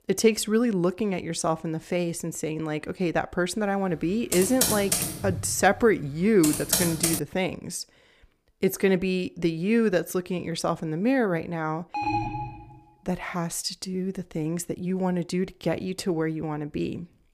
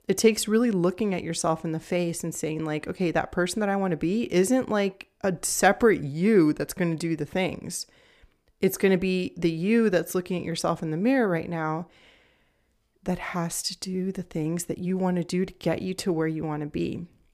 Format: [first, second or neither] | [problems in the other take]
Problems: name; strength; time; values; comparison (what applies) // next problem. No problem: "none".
second | keyboard typing; loud; from 4.5 to 7 s; peak 4 dB above the speech // alarm; noticeable; at 12 s; peak 1 dB below the speech